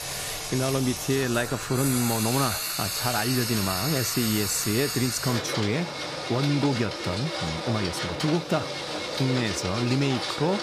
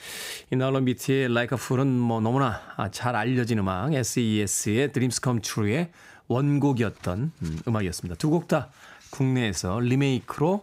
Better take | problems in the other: second | household noises; loud; throughout; 2 dB below the speech

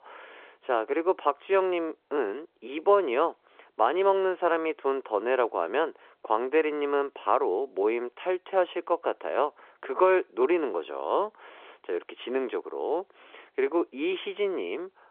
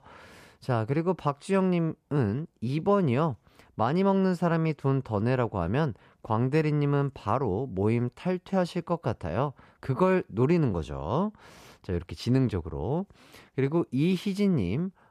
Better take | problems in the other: second | phone-call audio; nothing above 3.5 kHz

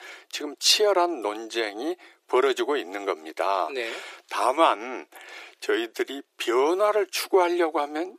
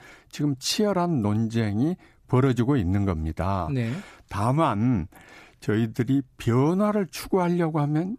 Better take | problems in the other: second | thin; very; fading below 350 Hz

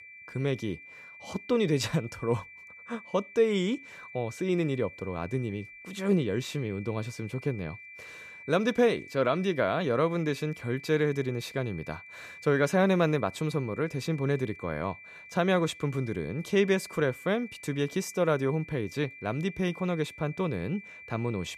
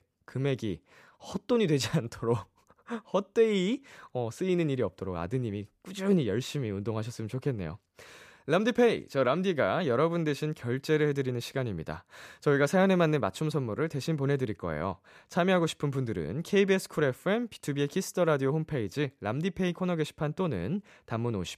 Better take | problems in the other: second | high-pitched whine; noticeable; throughout; 2.5 kHz, 15 dB below the speech

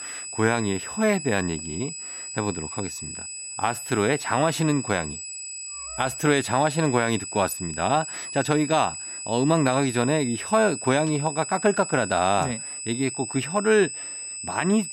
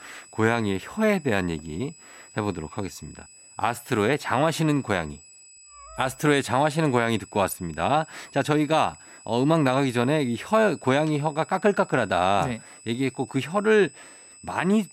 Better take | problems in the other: second | high-pitched whine; loud; throughout; 8 kHz, 8 dB below the speech; faint in the second

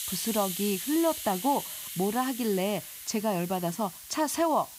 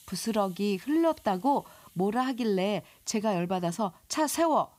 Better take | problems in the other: second | hiss; loud; throughout; 7 dB below the speech; faint in the second

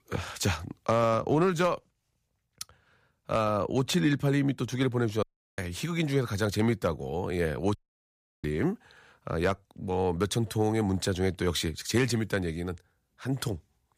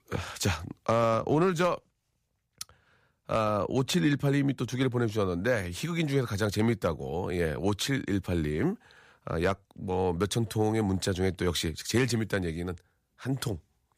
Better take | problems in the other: second | audio cutting out; at 5 s and at 8 s for 0.5 s

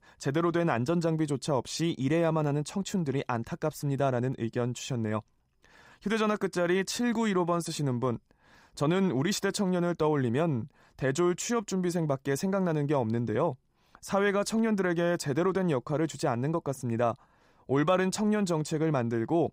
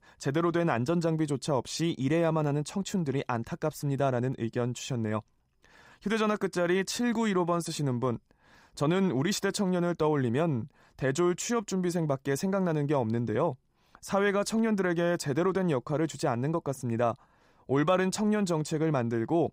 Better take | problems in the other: neither | none

